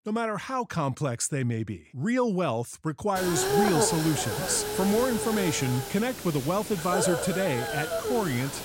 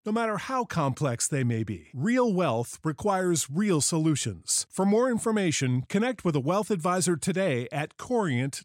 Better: second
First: hiss; loud; from 3 s on; 2 dB below the speech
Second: none

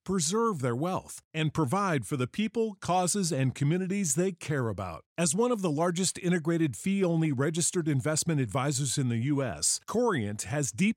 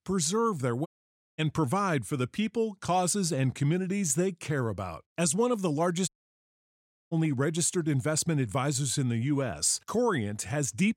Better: first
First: none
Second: audio cutting out; at 1 s for 0.5 s and at 6 s for 1 s

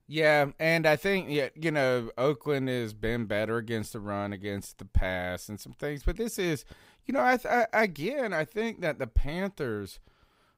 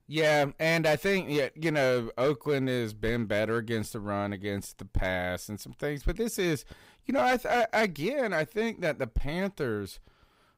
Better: first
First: none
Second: distortion; slight; 5% of the sound clipped

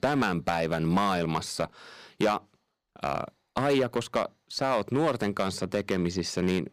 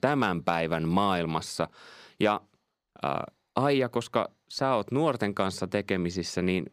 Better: second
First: distortion; slight; 3% of the sound clipped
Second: none

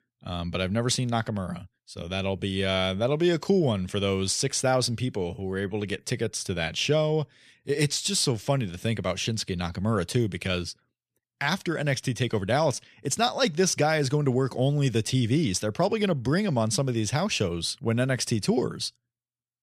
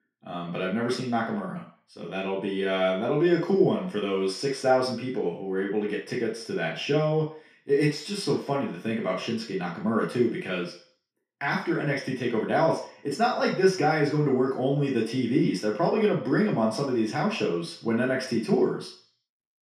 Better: first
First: none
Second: room echo; noticeable; dies away in 0.5 s // off-mic speech; far

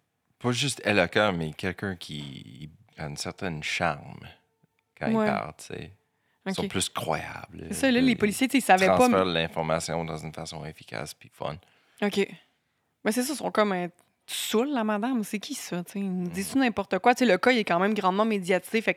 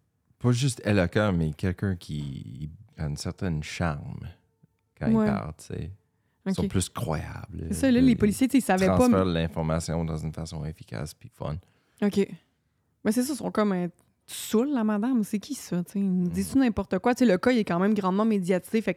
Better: second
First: thin; somewhat; fading below 350 Hz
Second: none

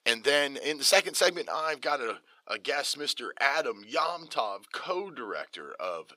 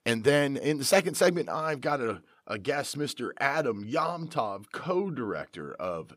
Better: second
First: thin; somewhat; fading below 500 Hz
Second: none

